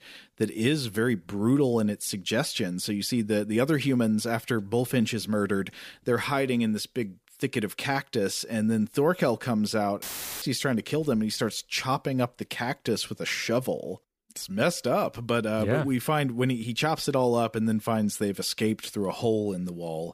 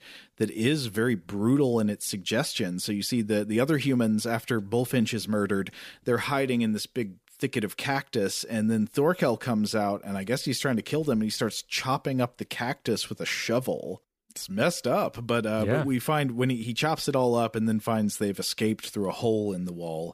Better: second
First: audio cutting out; filled with static; at 10 s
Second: none

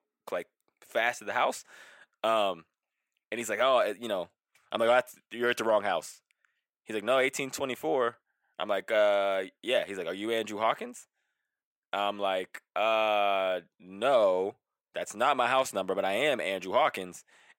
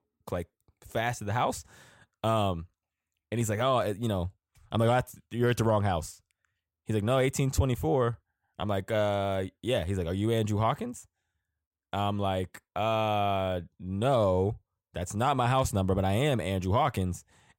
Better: second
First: thin; very; fading below 300 Hz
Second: none

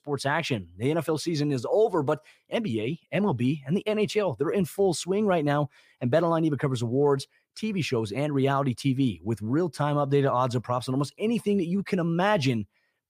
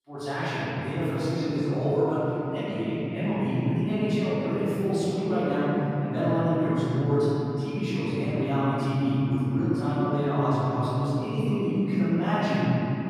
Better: first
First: none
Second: room echo; strong; dies away in 3 s // off-mic speech; far

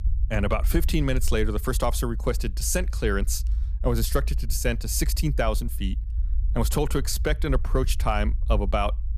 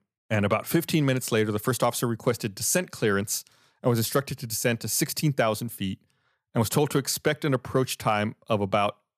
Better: second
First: low rumble; faint; throughout; 20 dB below the speech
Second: none

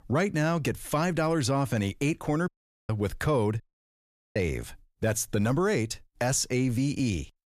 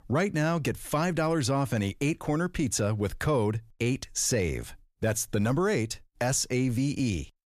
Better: second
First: audio cutting out; at 2.5 s and at 3.5 s for 1 s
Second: none

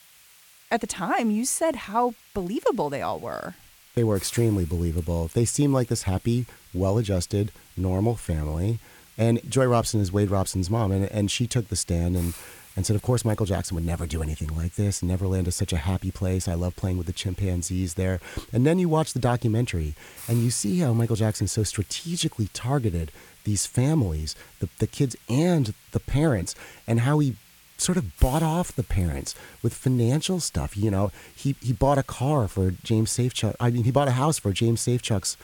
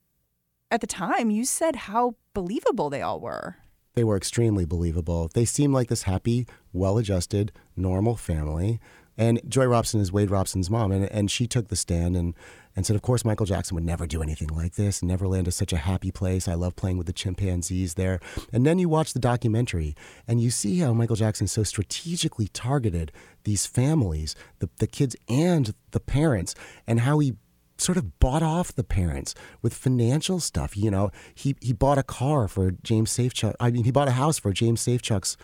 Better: second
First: hiss; faint; throughout; 25 dB below the speech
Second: none

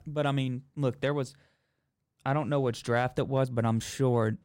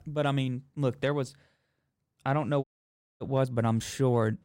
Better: first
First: none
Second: audio cutting out; at 2.5 s for 0.5 s

